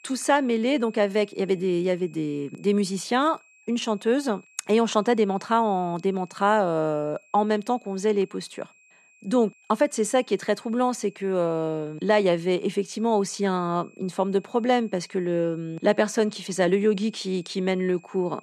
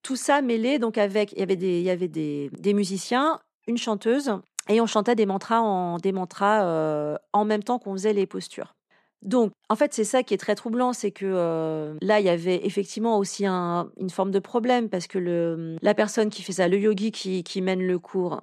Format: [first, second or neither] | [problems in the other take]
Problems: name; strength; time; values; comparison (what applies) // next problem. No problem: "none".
second | high-pitched whine; faint; throughout; 2.5 kHz, 30 dB below the speech